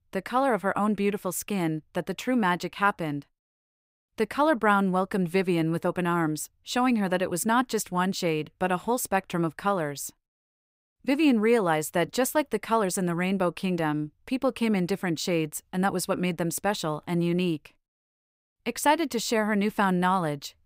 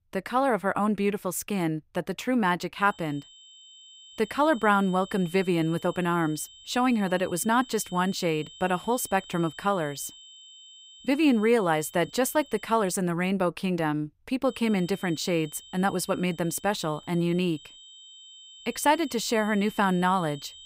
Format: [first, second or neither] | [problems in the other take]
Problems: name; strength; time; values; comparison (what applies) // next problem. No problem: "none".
first | high-pitched whine; noticeable; from 3 to 13 s and from 14 s on; 3 kHz, 20 dB below the speech